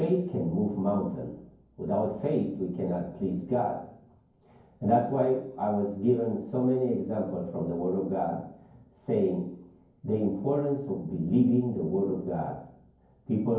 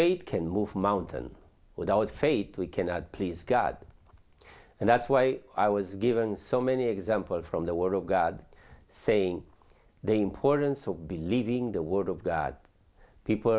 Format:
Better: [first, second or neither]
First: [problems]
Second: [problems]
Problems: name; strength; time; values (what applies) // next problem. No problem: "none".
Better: second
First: room echo; dies away in 0.9 s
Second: none